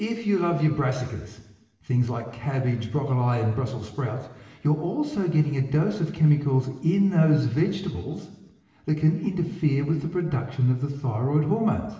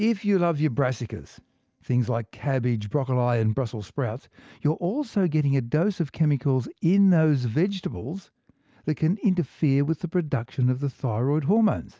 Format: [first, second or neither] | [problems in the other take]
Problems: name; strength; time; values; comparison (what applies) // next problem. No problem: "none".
second | room echo; dies away in 1 s